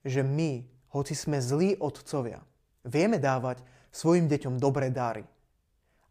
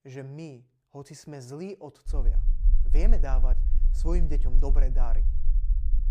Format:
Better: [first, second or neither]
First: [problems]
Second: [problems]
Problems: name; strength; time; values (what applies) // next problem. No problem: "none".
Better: first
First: none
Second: low rumble; noticeable; from 2 s on; 10 dB below the speech